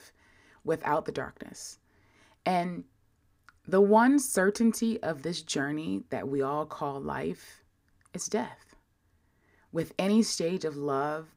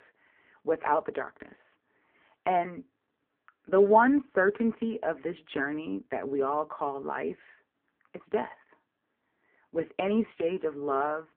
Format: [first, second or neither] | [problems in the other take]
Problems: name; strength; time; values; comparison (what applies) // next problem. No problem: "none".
first | phone-call audio; poor line